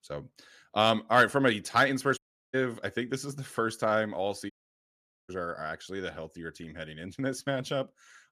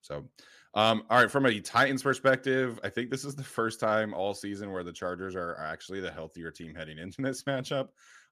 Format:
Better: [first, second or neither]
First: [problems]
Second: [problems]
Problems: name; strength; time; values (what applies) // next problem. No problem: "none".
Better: second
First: audio cutting out; at 2 s and at 4.5 s for 1 s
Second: none